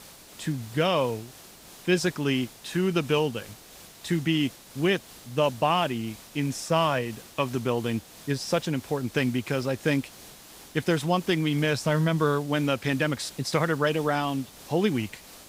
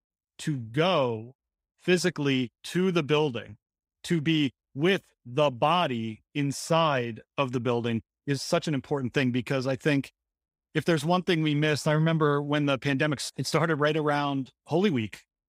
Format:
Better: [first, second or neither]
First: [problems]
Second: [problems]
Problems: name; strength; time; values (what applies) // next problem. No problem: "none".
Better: second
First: hiss; noticeable; throughout; 20 dB below the speech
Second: none